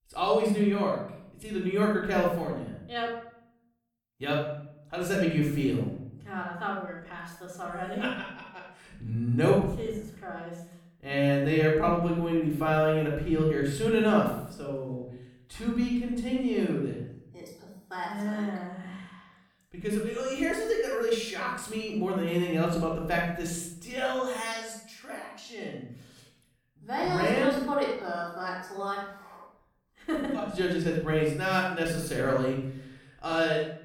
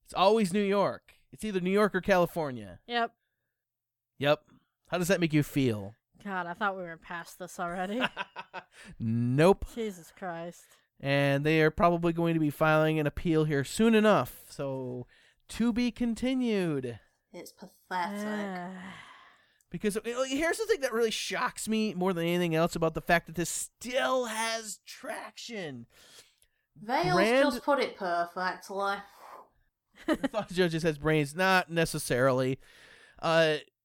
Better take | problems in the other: second | room echo; noticeable; dies away in 0.7 s // off-mic speech; far

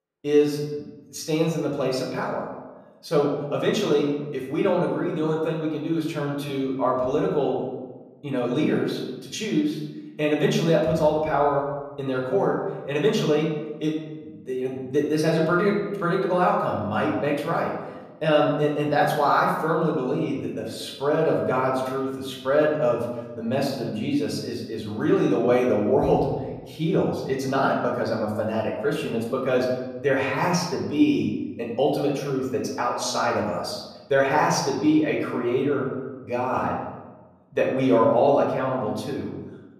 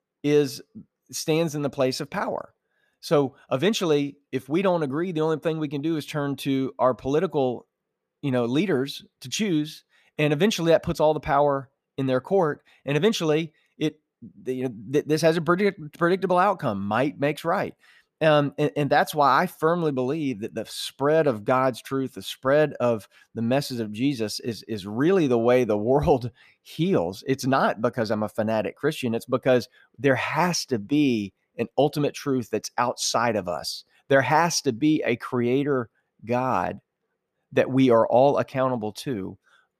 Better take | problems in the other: second | room echo; noticeable; dies away in 1 s // off-mic speech; far

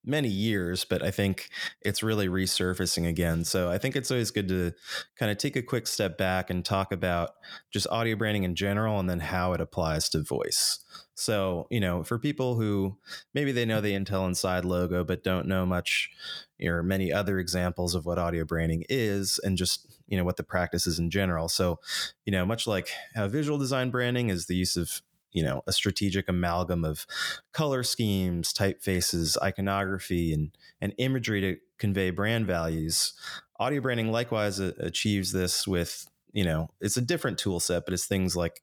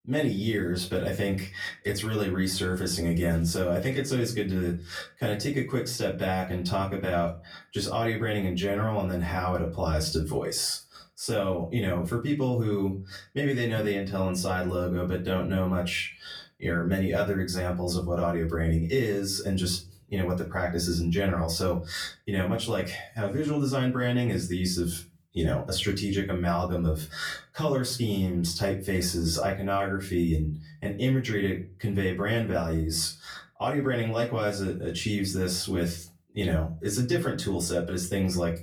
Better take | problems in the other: first | off-mic speech; far // room echo; very slight; dies away in 0.3 s

